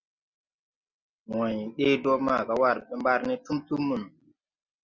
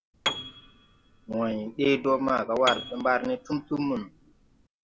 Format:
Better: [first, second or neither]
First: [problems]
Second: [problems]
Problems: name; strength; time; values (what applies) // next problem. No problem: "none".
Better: first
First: none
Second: background sound (Piano); 10 dB below the speech